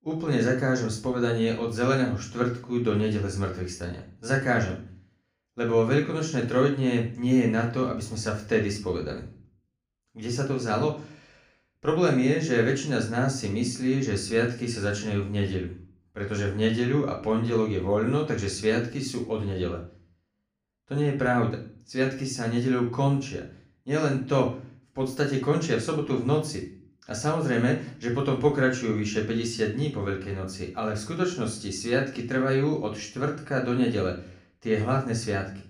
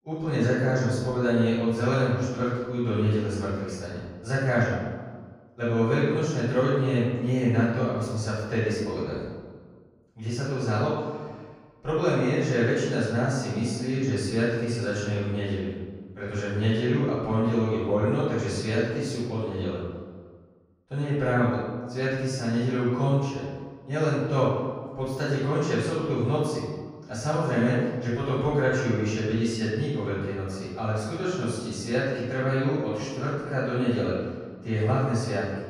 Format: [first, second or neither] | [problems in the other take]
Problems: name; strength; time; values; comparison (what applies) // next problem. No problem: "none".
first | room echo; strong; dies away in 1.4 s; slight in the first // off-mic speech; far; far in the first